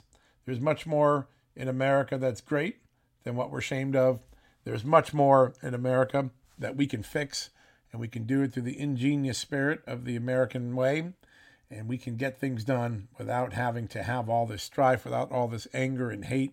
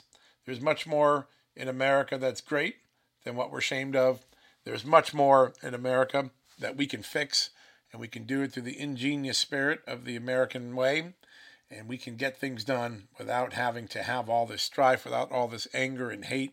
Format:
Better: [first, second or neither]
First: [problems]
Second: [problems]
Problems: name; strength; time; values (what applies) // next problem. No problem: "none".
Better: first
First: none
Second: thin; very slightly; fading below 450 Hz